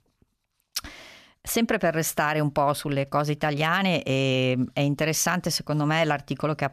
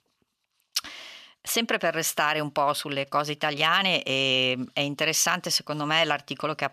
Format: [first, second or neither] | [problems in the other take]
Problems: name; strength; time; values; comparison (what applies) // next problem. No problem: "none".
first | thin; very slightly; fading below 750 Hz